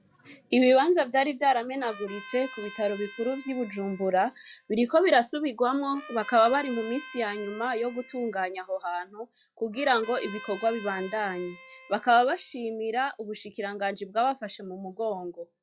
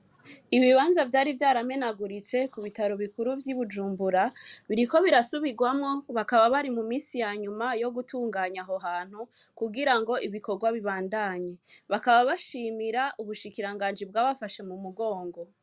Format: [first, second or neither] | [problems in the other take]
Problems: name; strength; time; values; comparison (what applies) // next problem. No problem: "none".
second | noise reduction (classical method log-MMSE)